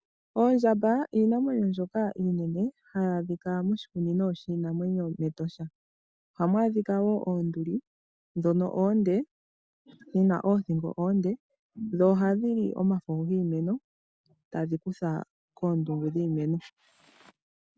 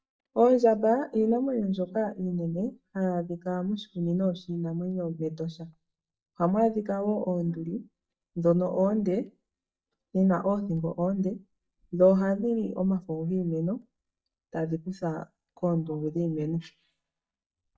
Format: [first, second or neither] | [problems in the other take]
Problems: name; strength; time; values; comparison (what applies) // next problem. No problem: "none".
first | noise reduction (neural mask model DeepFilterNet 3)